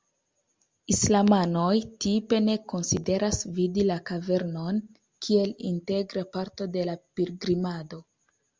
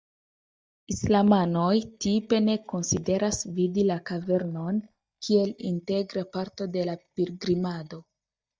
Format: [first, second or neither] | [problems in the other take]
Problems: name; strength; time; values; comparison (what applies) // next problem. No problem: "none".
first | noise reduction (neural mask model DeepFilterNet 3)